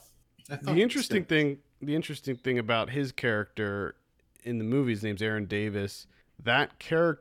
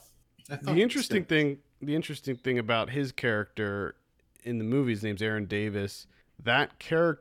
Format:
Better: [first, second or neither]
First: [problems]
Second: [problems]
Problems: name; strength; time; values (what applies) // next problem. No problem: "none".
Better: neither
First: none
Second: none